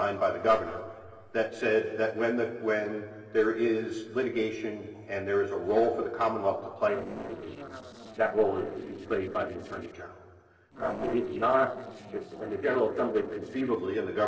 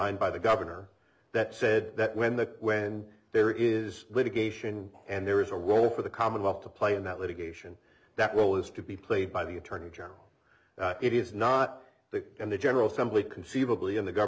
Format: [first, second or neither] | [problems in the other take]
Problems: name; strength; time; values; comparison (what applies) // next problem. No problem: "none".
second | noise reduction (neural separator model SepFormer DNS4)